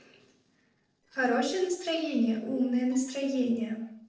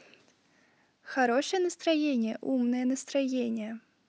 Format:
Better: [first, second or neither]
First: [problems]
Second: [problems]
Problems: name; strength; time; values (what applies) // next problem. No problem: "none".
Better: second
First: noise reduction (neural separator model SepFormer DNS4)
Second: none